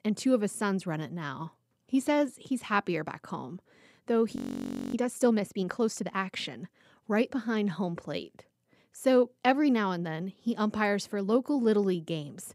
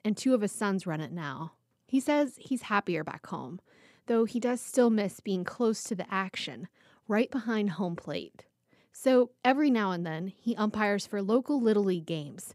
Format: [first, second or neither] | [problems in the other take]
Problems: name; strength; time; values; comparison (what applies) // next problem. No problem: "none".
second | audio freezing; at 4.5 s for 0.5 s